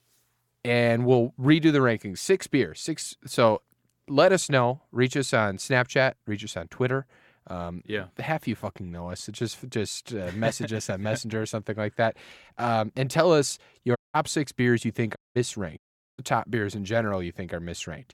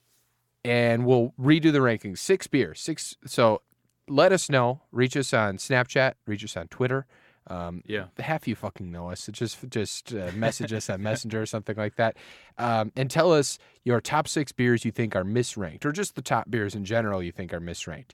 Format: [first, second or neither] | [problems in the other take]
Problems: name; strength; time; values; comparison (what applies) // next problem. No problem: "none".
second | audio cutting out; at 14 s, at 15 s and at 16 s